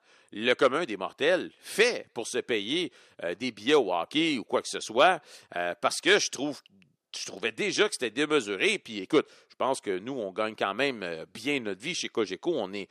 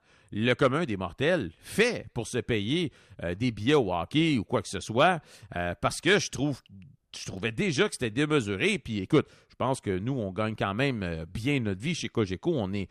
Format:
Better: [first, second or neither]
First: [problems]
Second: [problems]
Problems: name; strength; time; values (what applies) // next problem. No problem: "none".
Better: second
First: thin; somewhat; fading below 400 Hz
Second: none